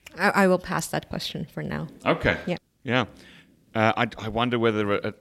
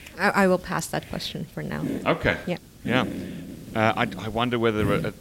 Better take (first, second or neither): first